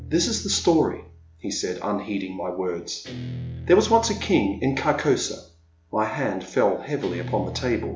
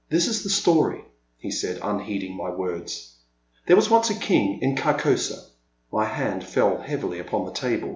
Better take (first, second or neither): second